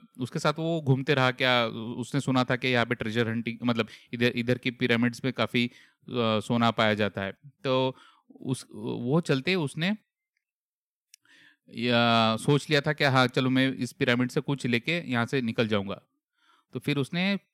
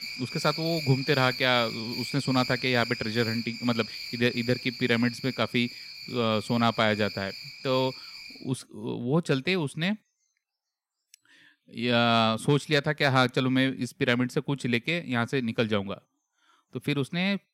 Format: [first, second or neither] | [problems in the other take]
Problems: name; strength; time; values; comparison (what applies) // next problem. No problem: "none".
first | animal sounds; loud; throughout; 9 dB below the speech